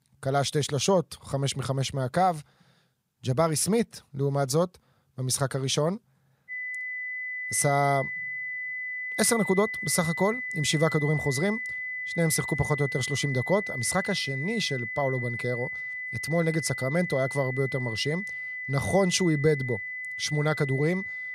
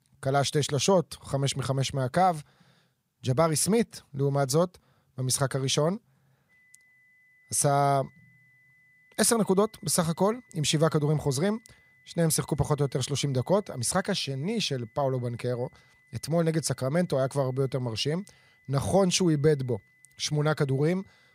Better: second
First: high-pitched whine; loud; from 6.5 s on; 2 kHz, 5 dB below the speech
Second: high-pitched whine; faint; from 6.5 s on; 2 kHz, 35 dB below the speech

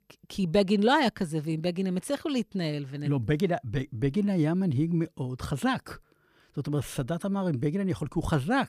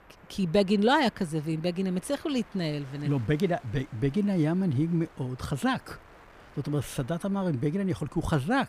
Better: first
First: none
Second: wind noise on the microphone; occasional gusts; 20 dB below the speech

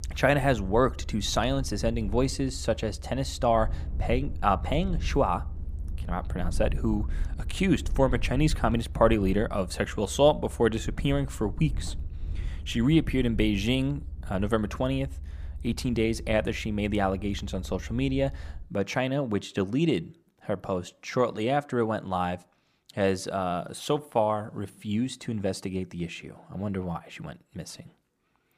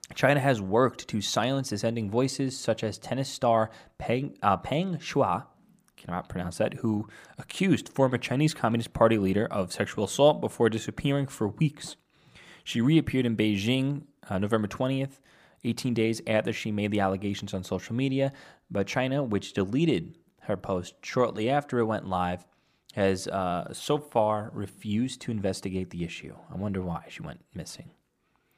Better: second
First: low rumble; faint; until 19 s; 25 dB below the speech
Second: none

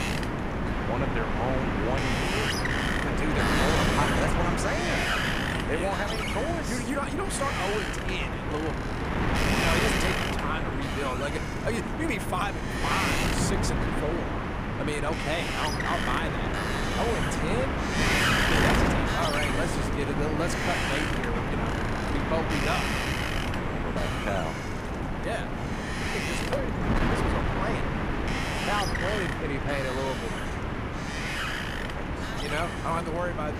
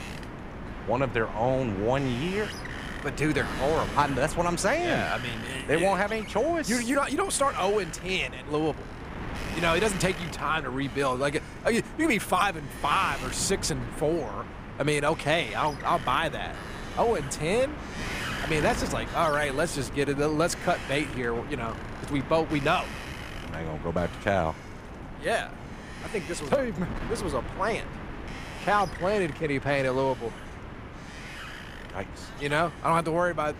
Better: second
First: wind noise on the microphone; heavy; 3 dB above the speech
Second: wind noise on the microphone; occasional gusts; 10 dB below the speech

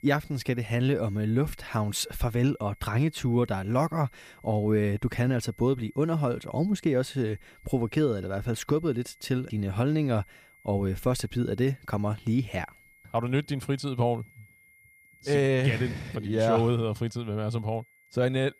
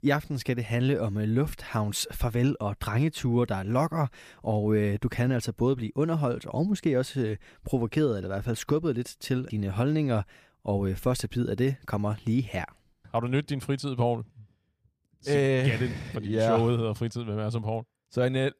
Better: second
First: high-pitched whine; faint; throughout; 2 kHz, 30 dB below the speech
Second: none

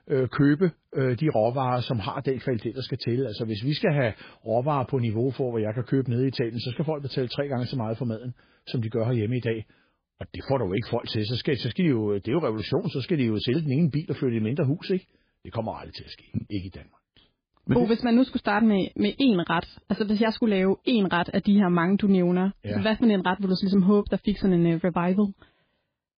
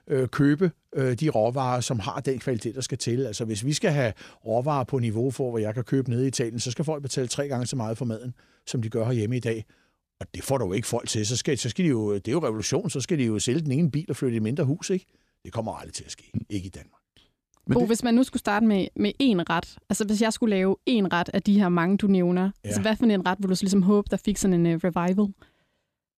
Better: second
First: garbled, watery; badly; nothing above 5 kHz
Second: none

